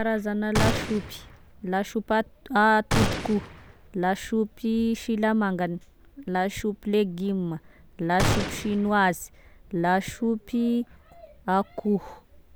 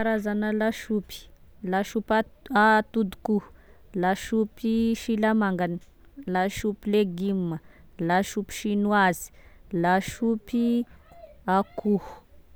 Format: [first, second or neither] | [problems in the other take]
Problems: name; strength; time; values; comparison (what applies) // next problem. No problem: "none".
second | background sound (Gunshot, gunfire); 3 dB below the speech